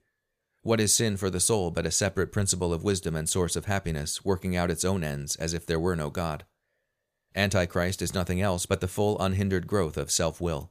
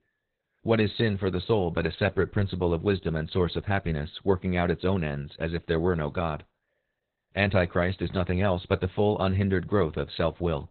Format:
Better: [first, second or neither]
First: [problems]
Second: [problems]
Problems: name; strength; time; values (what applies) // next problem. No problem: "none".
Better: first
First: none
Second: garbled, watery; badly; nothing above 4 kHz